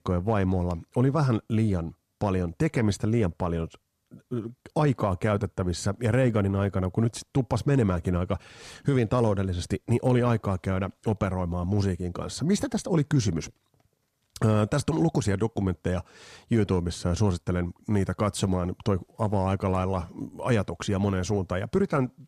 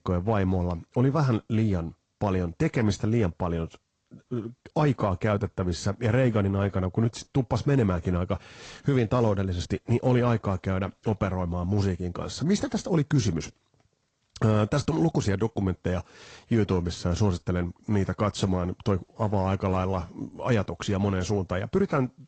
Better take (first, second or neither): first